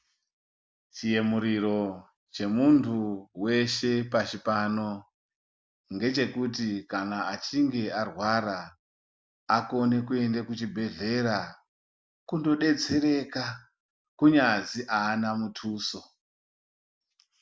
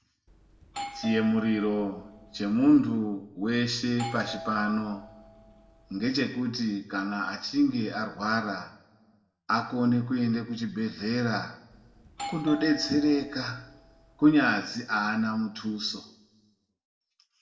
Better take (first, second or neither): first